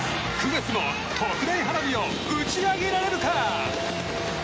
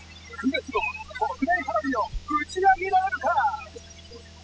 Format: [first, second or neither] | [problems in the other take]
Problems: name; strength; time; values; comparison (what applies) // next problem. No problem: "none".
first | noise reduction (classical method spectral subtraction)